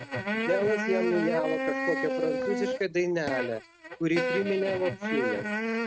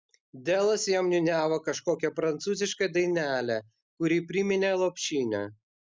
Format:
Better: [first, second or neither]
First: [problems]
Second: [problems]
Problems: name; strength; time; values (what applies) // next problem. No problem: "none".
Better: second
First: noise reduction (neural mask model RNNoise)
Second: none